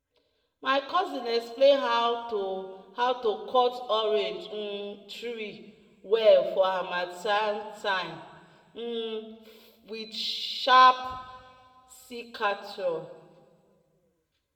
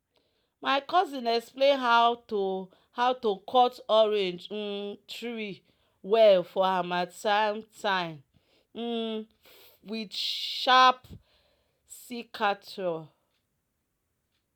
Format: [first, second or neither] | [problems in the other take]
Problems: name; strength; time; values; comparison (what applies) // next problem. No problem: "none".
second | room echo; dies away in 1.3 s